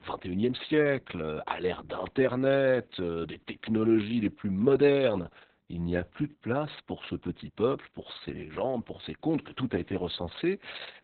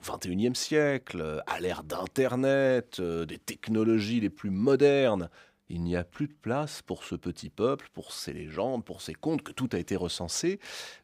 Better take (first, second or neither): second